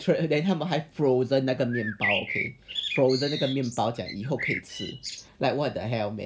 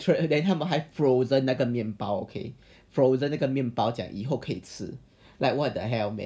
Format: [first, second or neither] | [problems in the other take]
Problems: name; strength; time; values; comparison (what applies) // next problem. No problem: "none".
second | background sound (Bird); 6 dB below the speech